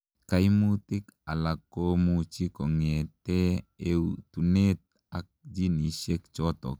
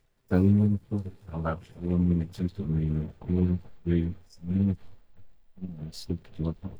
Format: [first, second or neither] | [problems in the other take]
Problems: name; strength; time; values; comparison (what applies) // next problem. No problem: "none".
first | noise reduction (neural mask model DeepFilterNet 3)